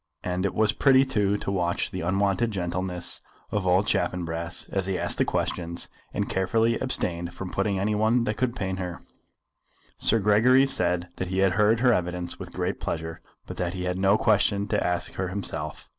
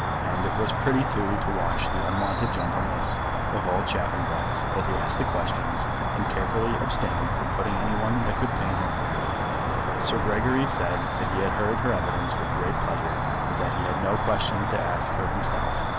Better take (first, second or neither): first